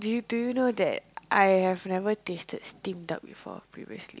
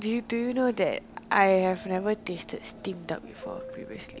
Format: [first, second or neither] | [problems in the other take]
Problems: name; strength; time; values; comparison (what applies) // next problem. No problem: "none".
first | background sound (Subway, metro, underground); 16 dB below the speech